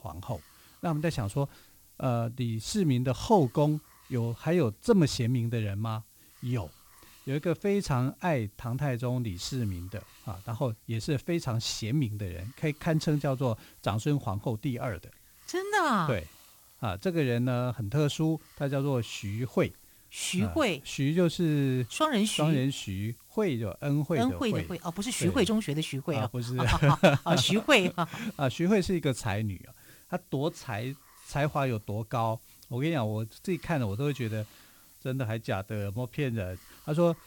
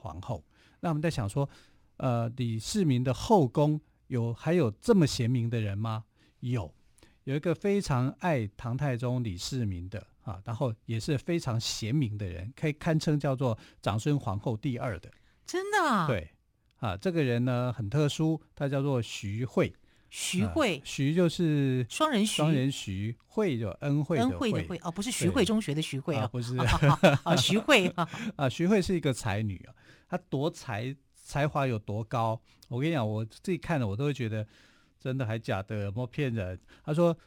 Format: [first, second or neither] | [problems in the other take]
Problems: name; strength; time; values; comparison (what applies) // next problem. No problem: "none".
second | hiss; faint; throughout; 25 dB below the speech